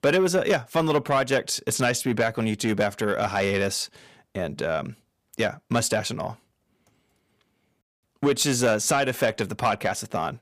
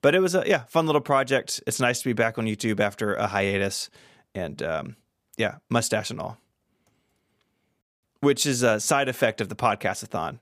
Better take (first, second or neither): second